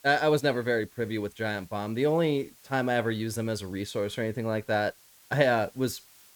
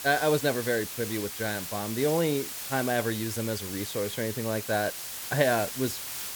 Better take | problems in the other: first | hiss; loud; throughout; 5 dB below the speech; faint in the first

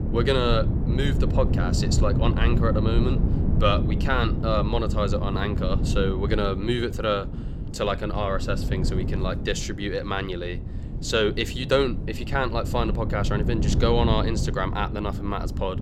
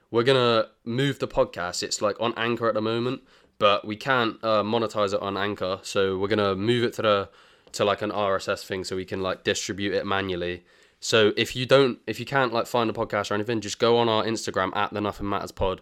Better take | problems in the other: second | wind noise on the microphone; heavy; 10 dB below the speech

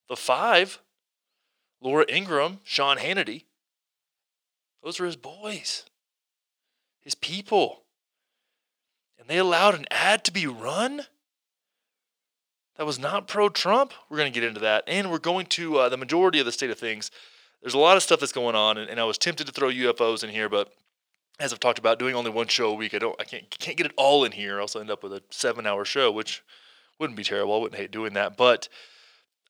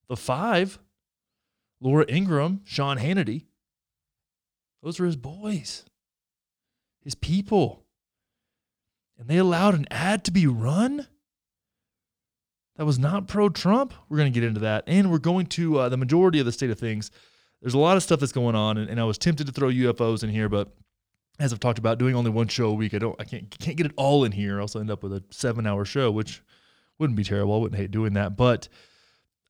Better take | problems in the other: second | thin; very; fading below 550 Hz

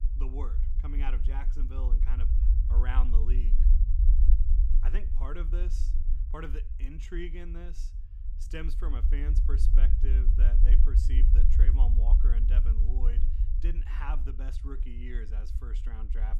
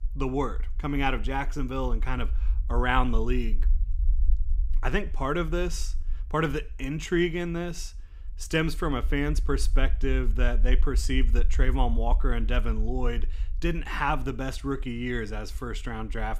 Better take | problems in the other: second | low rumble; loud; throughout; 5 dB below the speech; faint in the second

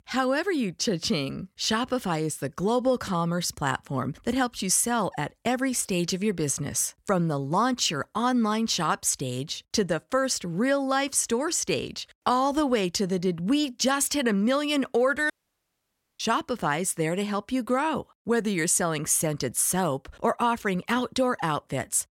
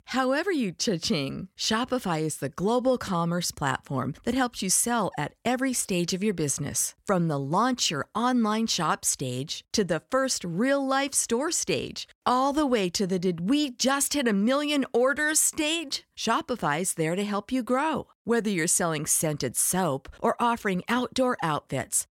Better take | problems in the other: second | audio cutting out; at 15 s for 1 s

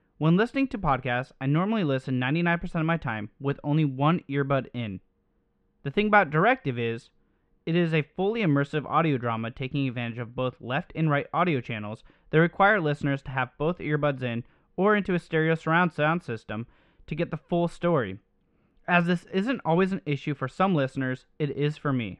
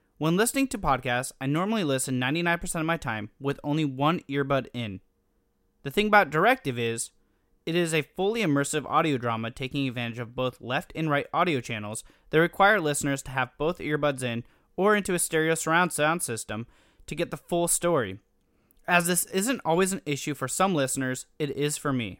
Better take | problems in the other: second | muffled; very; fading above 3 kHz

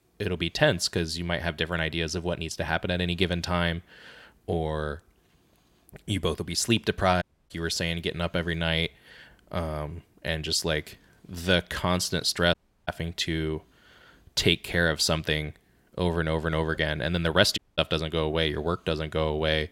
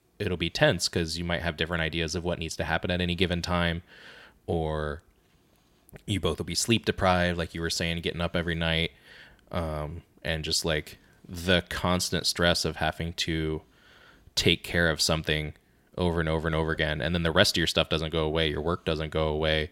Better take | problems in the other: second | audio cutting out; at 7 s, at 13 s and at 18 s

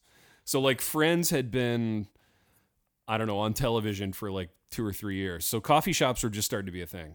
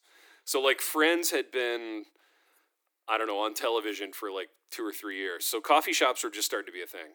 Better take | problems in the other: first | thin; very; fading below 300 Hz

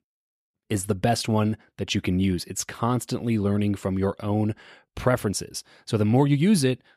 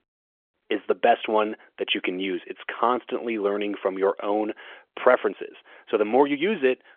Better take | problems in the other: first | phone-call audio; nothing above 3.5 kHz

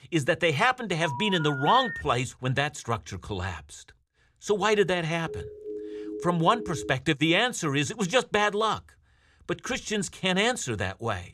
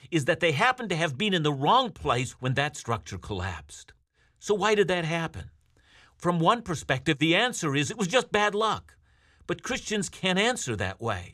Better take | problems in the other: second | phone ringing; noticeable; from 1 to 2 s; peak 6 dB below the speech // siren; faint; from 5.5 to 7 s; peak 10 dB below the speech

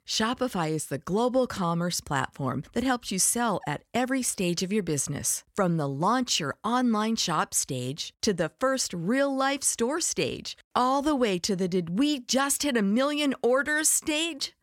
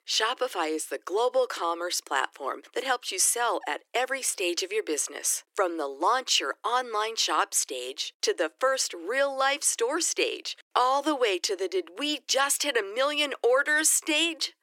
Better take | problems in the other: first | thin; very; fading below 300 Hz

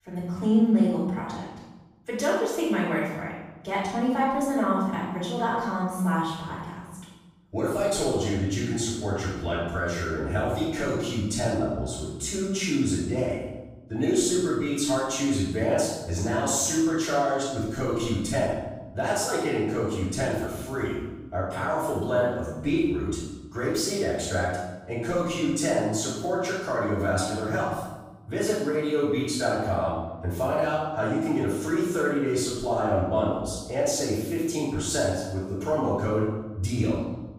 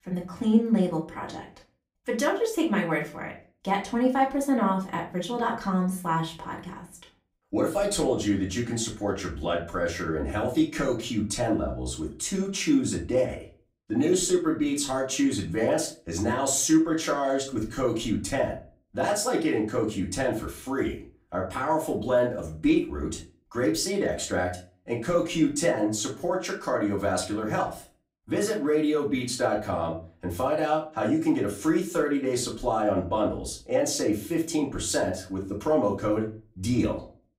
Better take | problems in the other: second | room echo; strong; dies away in 1 s; slight in the second // off-mic speech; far; far in the second

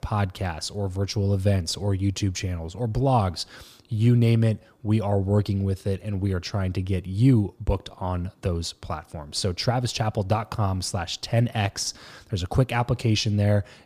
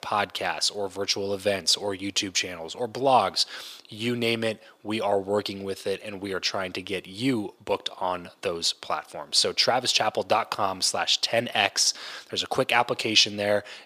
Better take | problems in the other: first | thin; very; fading below 450 Hz

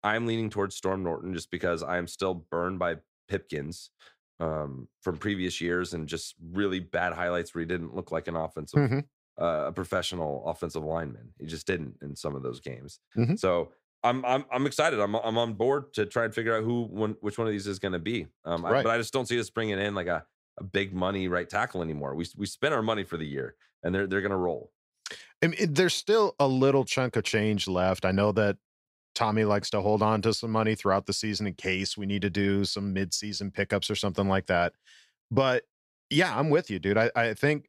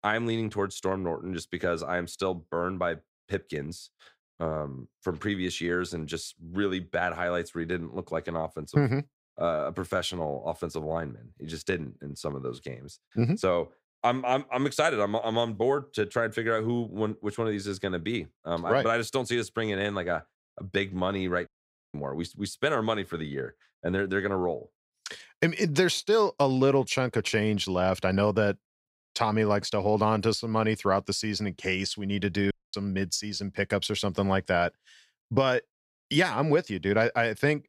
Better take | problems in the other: first | audio cutting out; at 21 s and at 33 s

